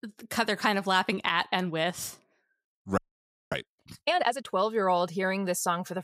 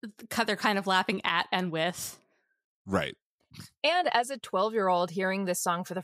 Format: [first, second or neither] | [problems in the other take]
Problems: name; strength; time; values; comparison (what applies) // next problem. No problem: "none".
second | audio freezing; at 3 s for 0.5 s